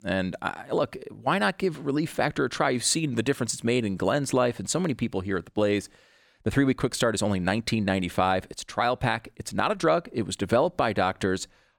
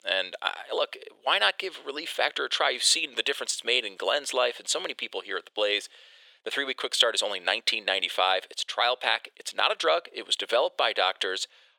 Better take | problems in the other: first | thin; very; fading below 500 Hz

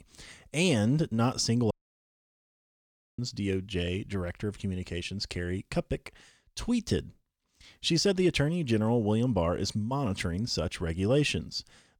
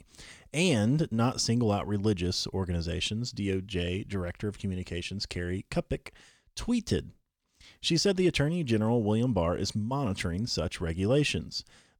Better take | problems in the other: second | audio cutting out; at 1.5 s for 1.5 s

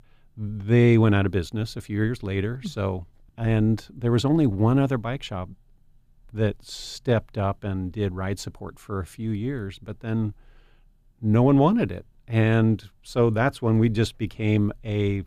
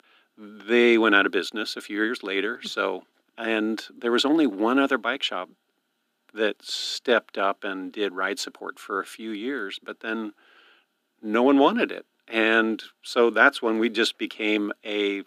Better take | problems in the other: first | thin; somewhat; fading below 250 Hz

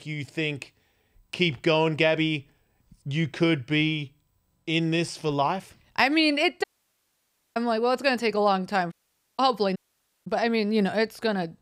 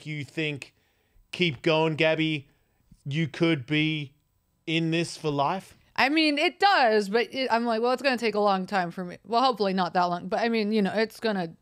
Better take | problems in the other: second | audio cutting out; at 6.5 s for 1 s, at 9 s and at 10 s for 0.5 s

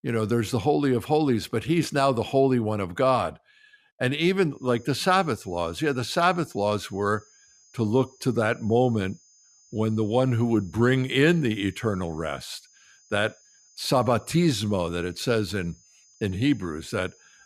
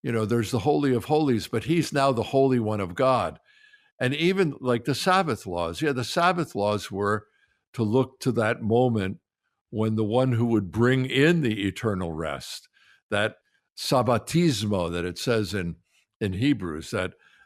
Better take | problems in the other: second | high-pitched whine; faint; from 4.5 s on; 6.5 kHz, 30 dB below the speech

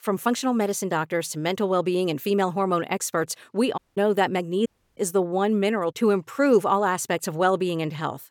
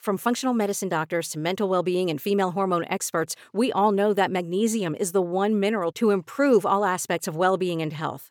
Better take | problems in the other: second | audio cutting out; at 4 s and at 4.5 s

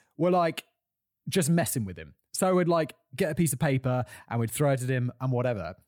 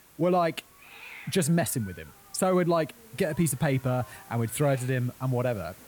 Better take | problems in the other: first | hiss; faint; throughout; 20 dB below the speech

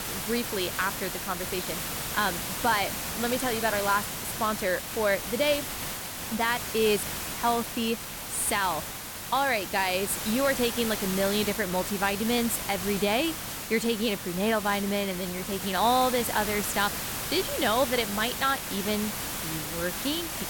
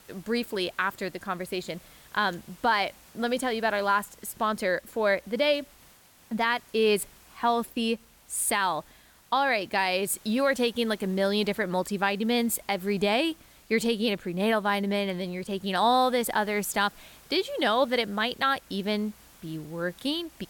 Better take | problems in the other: second | hiss; loud; throughout; 4 dB below the speech; faint in the second

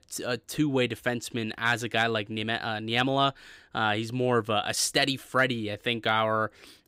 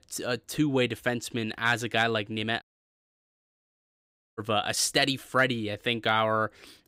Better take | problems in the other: first | audio cutting out; at 2.5 s for 2 s

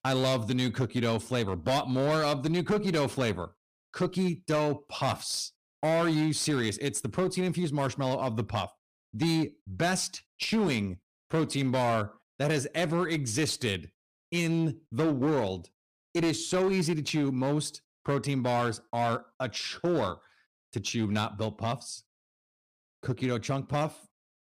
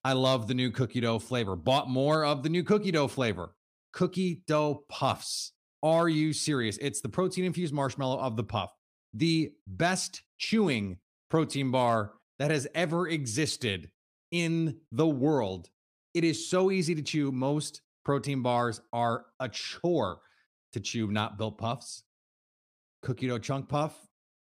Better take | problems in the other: second | distortion; slight; 11% of the sound clipped

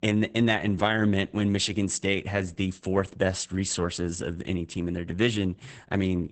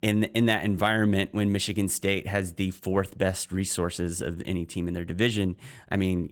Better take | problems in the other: second | garbled, watery; badly; nothing above 8 kHz; slightly in the second

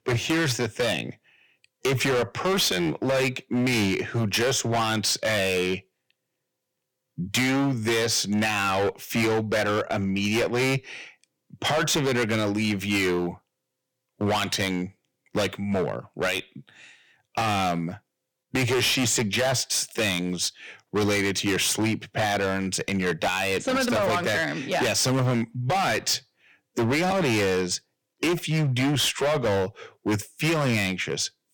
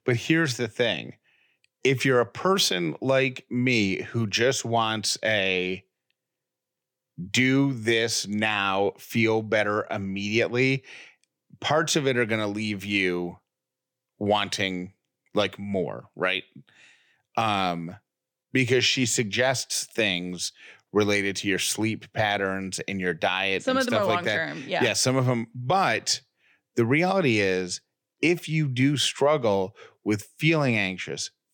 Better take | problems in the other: second | distortion; heavy; 19% of the sound clipped

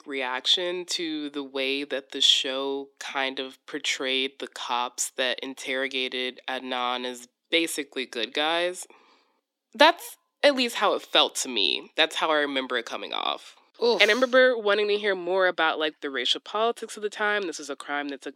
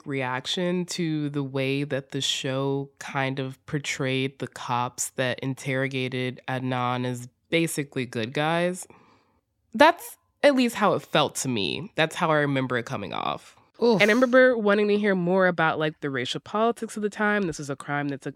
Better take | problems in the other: second | thin; somewhat; fading below 300 Hz

